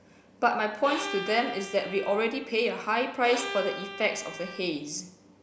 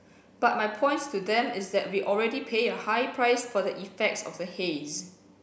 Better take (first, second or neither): second